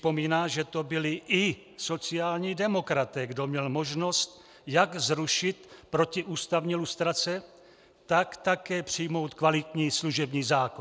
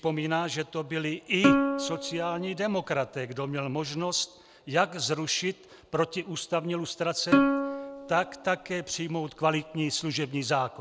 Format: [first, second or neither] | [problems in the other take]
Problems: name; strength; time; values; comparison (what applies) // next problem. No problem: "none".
first | background sound (Plucked string instrument); as loud as the speech